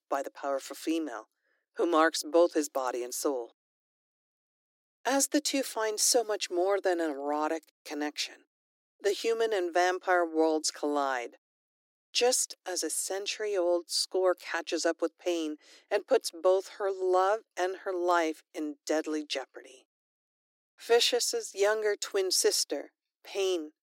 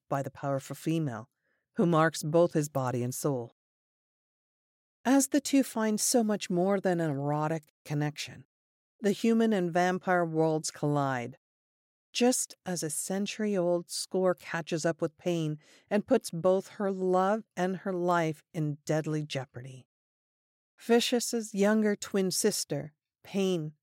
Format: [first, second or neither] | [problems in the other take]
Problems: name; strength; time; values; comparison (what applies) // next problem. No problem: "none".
second | thin; somewhat; fading below 300 Hz